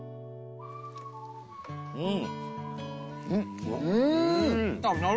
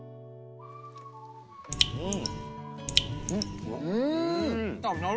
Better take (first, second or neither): first